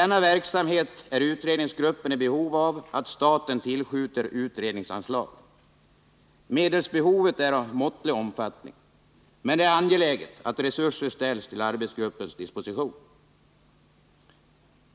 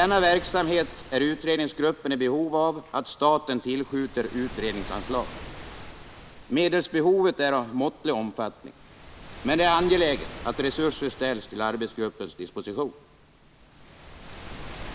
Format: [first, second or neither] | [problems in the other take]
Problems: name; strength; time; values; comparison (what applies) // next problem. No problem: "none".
first | background sound (Waves, surf); 16 dB below the speech